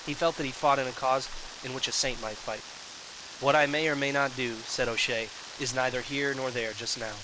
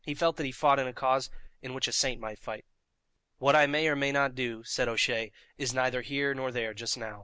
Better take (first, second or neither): second